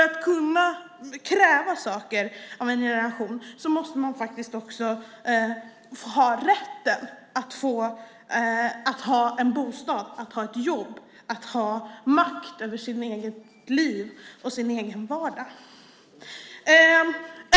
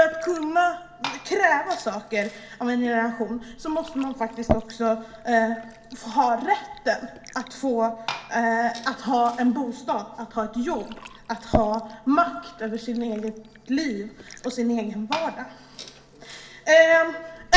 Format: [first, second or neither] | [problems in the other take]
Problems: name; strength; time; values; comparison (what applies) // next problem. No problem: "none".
first | background sound (Liquid); 12 dB below the speech // room echo; dies away in 0.2 s